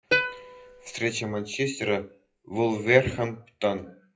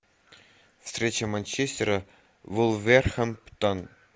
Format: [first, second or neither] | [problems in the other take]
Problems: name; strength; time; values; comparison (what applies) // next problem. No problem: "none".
second | noise reduction (classical method WPE with log-MMSE)